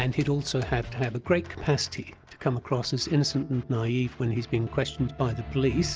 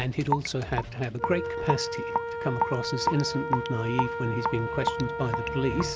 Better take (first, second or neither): first